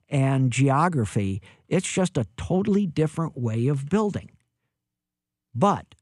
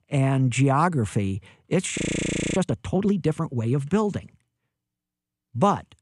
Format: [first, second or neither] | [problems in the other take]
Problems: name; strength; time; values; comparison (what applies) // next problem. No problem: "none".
first | audio freezing; at 2 s for 0.5 s